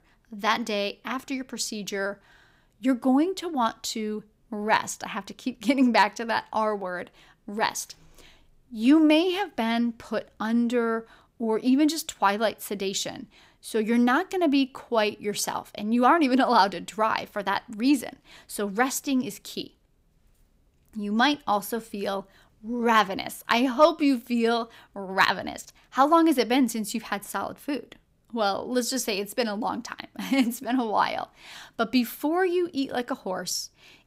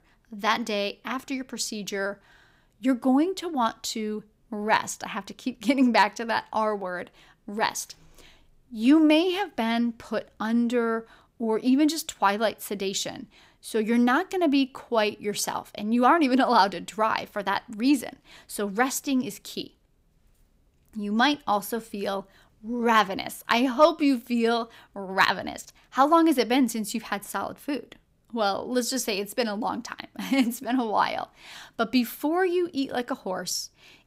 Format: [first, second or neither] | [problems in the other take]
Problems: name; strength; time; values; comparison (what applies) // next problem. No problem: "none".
neither | none